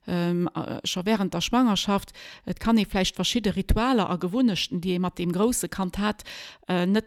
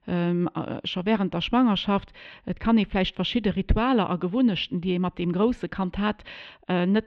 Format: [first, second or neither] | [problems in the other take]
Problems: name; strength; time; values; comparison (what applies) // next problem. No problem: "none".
first | muffled; very; fading above 3 kHz